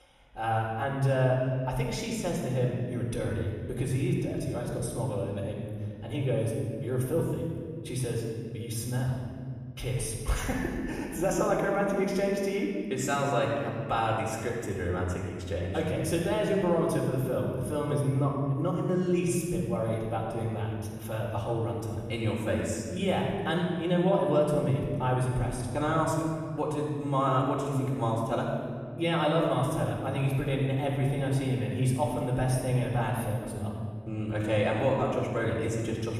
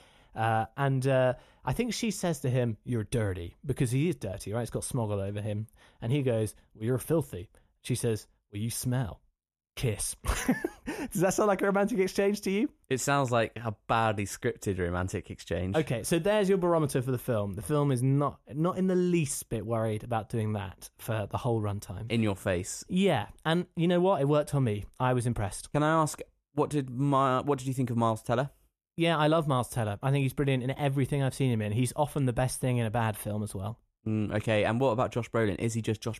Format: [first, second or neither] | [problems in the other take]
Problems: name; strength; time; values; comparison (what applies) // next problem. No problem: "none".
second | off-mic speech; far // room echo; noticeable; dies away in 1.9 s